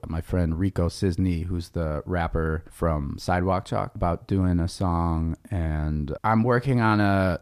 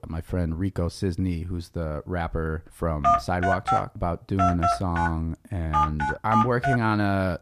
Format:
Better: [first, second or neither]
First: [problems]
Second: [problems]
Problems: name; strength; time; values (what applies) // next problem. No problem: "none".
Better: first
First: none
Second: phone ringing; loud; from 3 to 7 s; peak 5 dB above the speech